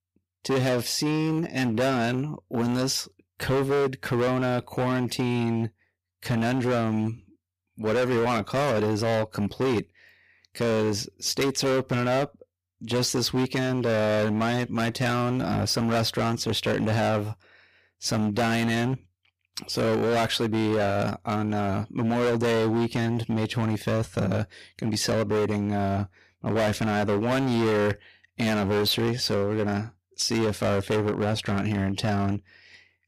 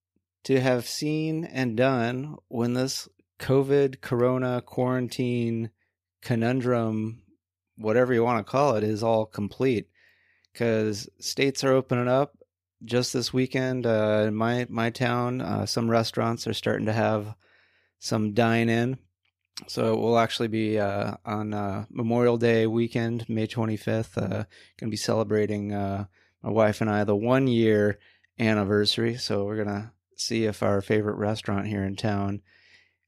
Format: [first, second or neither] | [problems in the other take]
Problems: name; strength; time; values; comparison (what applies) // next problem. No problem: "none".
second | distortion; heavy; 20% of the sound clipped